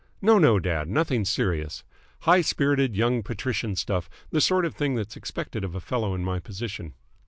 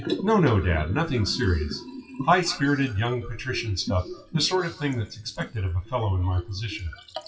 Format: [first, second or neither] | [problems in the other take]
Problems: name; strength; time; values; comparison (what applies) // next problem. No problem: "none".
first | noise reduction (classical method WPE with log-MMSE)